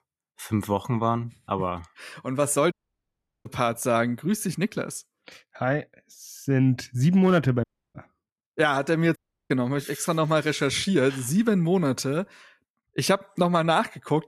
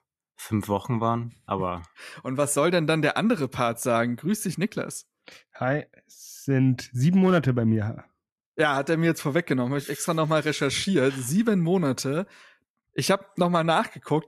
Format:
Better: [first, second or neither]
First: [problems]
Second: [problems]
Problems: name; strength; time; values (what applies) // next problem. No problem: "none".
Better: second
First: audio cutting out; at 2.5 s for 0.5 s, at 7.5 s and at 9 s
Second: none